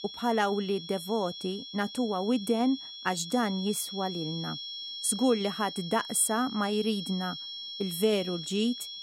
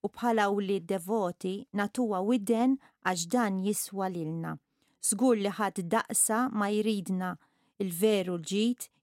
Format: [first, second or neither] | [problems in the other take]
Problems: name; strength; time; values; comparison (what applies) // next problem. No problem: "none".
second | high-pitched whine; loud; throughout; 3.5 kHz, 8 dB below the speech